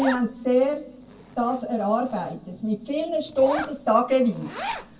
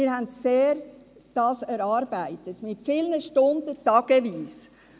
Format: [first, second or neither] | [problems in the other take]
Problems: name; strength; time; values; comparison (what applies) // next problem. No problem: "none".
second | background sound (Zipper (clothing)); 13 dB below the speech // room echo; dies away in 0.2 s